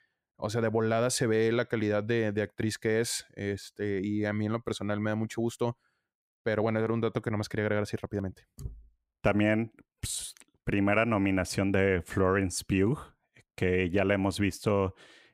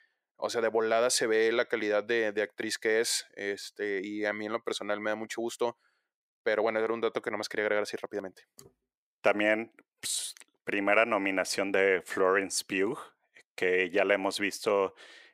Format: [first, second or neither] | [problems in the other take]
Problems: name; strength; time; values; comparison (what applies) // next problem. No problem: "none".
first | thin; somewhat; fading below 450 Hz